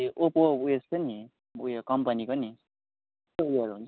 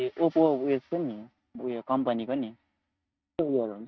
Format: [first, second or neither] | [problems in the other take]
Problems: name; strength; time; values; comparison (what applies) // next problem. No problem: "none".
first | noise reduction (neural mask model RNNoise)